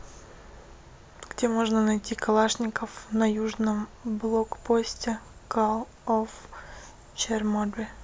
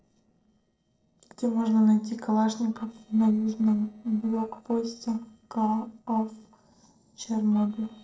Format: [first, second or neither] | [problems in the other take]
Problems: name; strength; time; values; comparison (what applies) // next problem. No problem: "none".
first | noise reduction (neural separator model SepFormer DNS4)